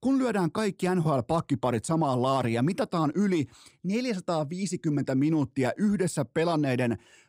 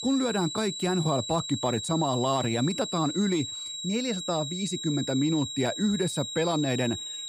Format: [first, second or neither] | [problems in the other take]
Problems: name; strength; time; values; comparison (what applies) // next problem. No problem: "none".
first | high-pitched whine; loud; throughout; 4 kHz, 5 dB below the speech